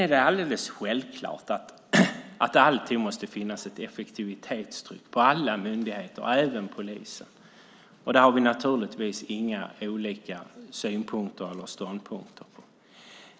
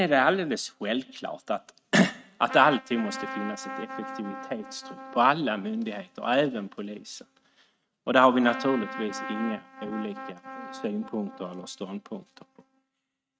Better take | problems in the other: first | noise reduction (neural mask model RNNoise)

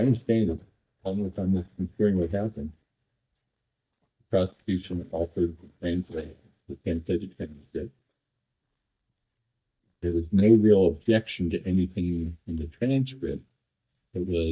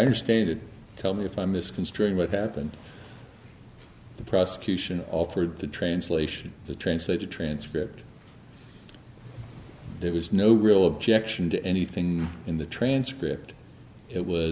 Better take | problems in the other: second | noise reduction (neural mask model DeepFilterNet 3)

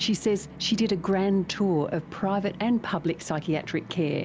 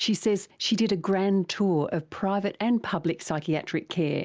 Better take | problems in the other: second | background sound (Musical instrument); 15 dB below the speech

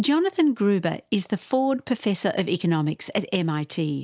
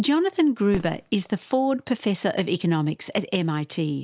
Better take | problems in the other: first | background sound (Fireworks); 19 dB below the speech

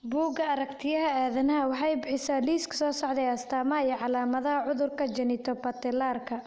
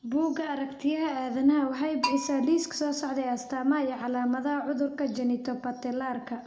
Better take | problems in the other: first | background sound (Bell); 12 dB below the speech // room echo; dies away in 0.4 s

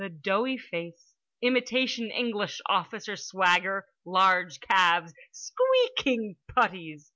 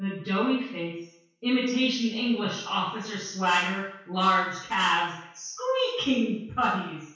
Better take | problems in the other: first | room echo; dies away in 0.6 s

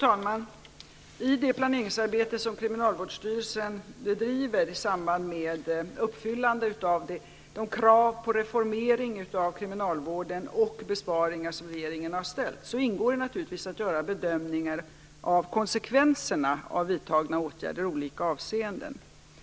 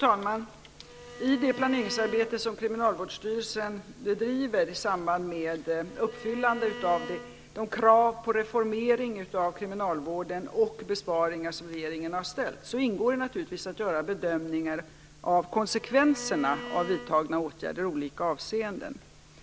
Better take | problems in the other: first | background sound (Bowed string instrument); 14 dB below the speech

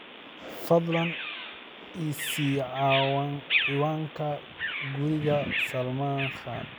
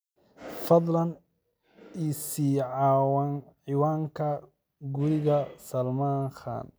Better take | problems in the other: second | background sound (Bird vocalization, bird call, bird song); 5 dB below the speech

